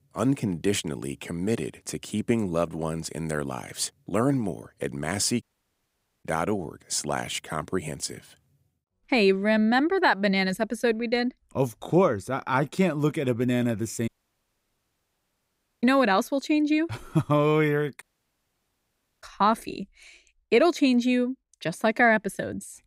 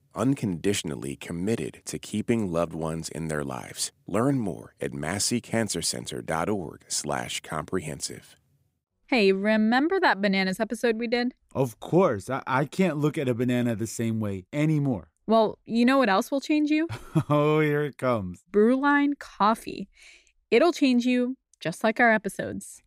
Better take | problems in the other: second | audio cutting out; at 5.5 s for 1 s, at 14 s for 2 s and at 18 s for 1 s

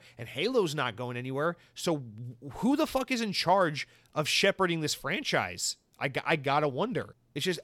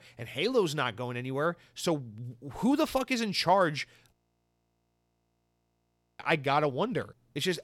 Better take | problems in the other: first | audio freezing; at 4 s for 2 s

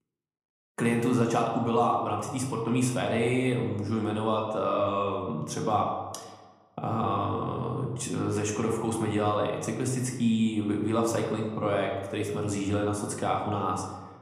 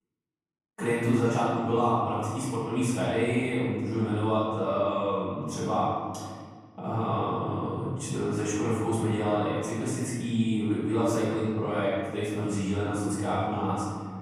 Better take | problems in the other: first | room echo; strong; dies away in 1.9 s; slight in the first // off-mic speech; far; somewhat distant in the first

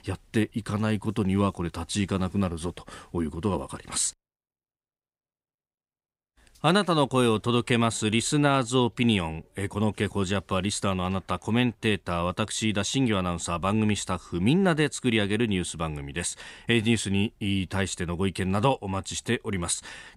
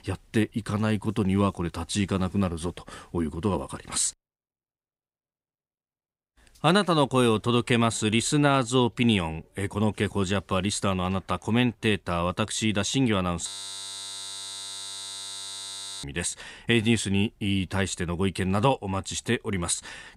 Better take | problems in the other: first | audio freezing; at 13 s for 2.5 s

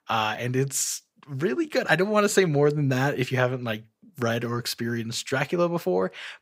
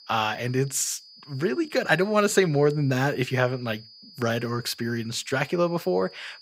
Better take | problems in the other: first | high-pitched whine; faint; throughout; 5 kHz, 20 dB below the speech

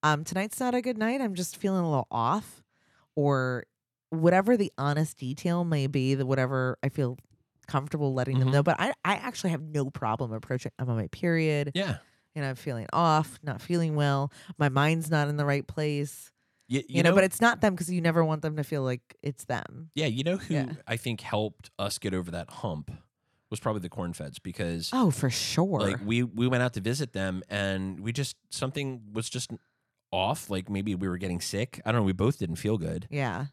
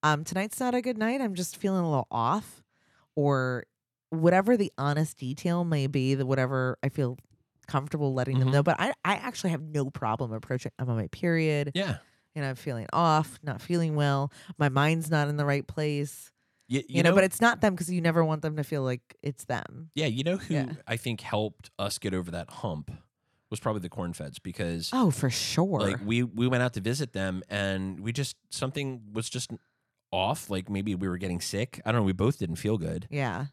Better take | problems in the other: neither | none

